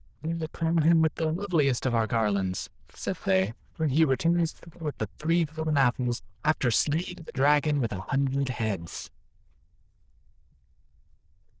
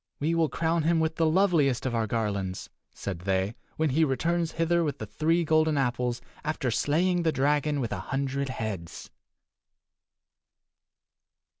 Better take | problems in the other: second | noise reduction (neural diffusion model UNIVERSE++)

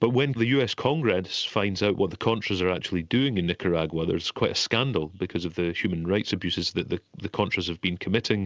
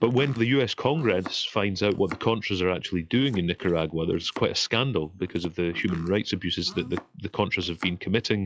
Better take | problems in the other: first | noise reduction (classical method log-MMSE)

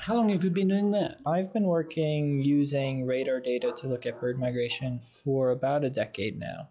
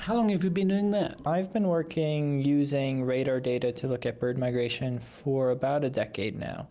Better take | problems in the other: second | noise reduction (classical method log-MMSE)

